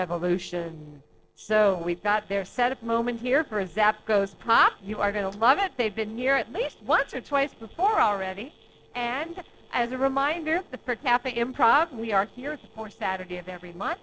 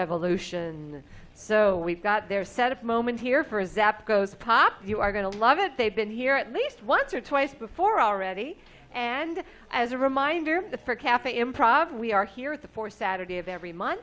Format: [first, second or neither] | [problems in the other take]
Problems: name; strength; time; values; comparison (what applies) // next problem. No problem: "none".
second | noise reduction (neural separator model SepFormer DNS4)